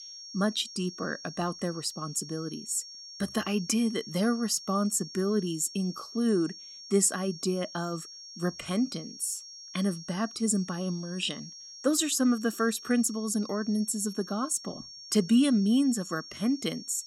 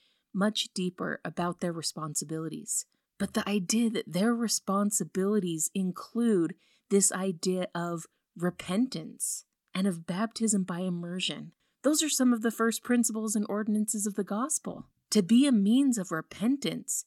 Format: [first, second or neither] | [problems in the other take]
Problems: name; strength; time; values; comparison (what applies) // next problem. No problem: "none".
second | high-pitched whine; noticeable; throughout; 5.5 kHz, 15 dB below the speech